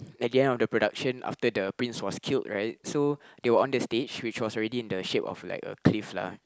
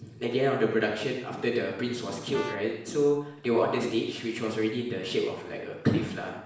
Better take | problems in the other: first | background sound (Brass instrument); 14 dB below the speech // room echo; dies away in 0.6 s

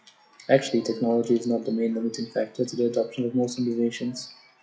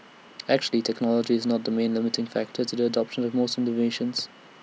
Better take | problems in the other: second | noise reduction (classical method WPE with log-MMSE)

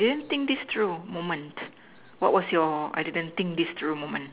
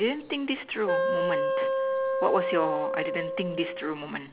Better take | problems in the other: first | background sound (Wind instrument, woodwind instrument); 2 dB above the speech

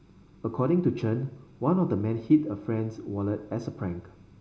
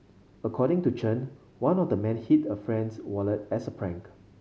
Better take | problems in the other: second | room echo; dies away in 0.6 s

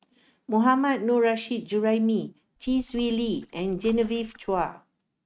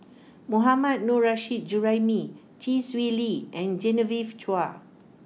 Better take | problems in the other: second | noise reduction (neural mask model RNNoise)

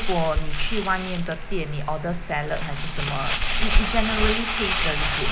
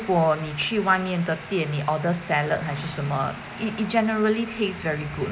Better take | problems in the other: second | background sound (Crumpling, crinkling); 5 dB above the speech

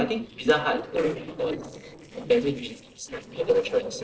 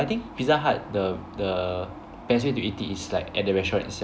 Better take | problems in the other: second | noise reduction (neural separator model SepFormer DNS4)

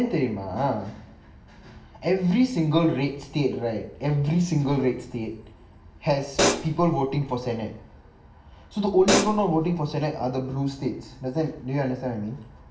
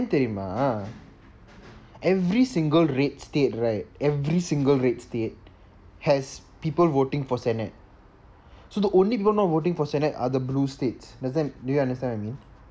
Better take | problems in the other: second | background sound (Hi-hat); 1 dB below the speech // room echo; dies away in 0.9 s

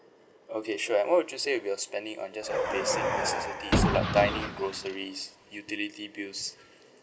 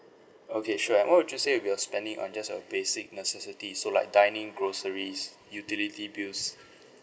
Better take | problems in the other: second | background sound (Car); 1 dB above the speech

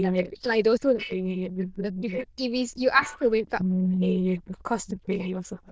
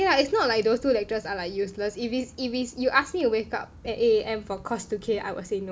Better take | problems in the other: second | noise reduction (neural diffusion model UNIVERSE++)

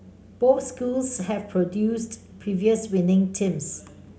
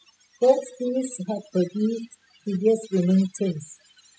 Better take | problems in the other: first | noise reduction (classical method spectral subtraction)

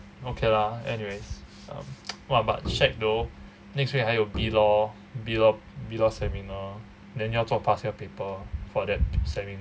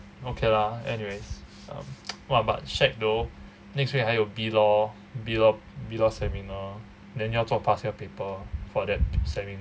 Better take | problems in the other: second | background sound (Bowed string instrument); 10 dB below the speech

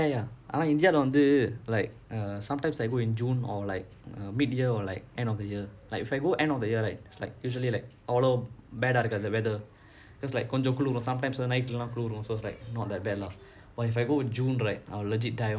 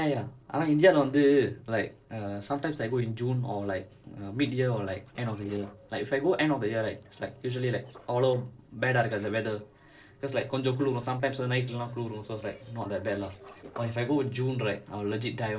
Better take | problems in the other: first | noise reduction (neural separator model SepFormer DNS4)

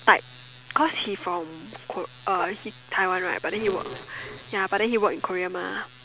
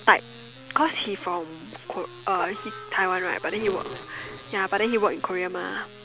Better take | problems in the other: first | background sound (Harmonica + Wind instrument, woodwind instrument); 19 dB below the speech

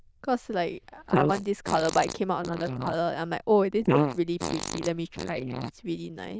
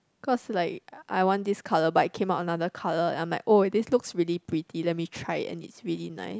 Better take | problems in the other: second | noise reduction (neural diffusion model UNIVERSE++)

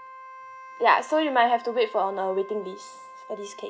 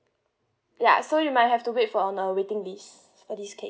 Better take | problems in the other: second | background sound (Wind instrument, woodwind instrument); 18 dB below the speech

